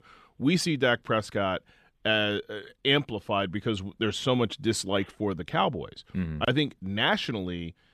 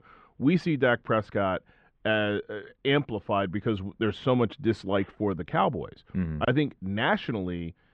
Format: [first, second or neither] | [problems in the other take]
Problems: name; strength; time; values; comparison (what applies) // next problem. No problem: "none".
first | muffled; very; fading above 2 kHz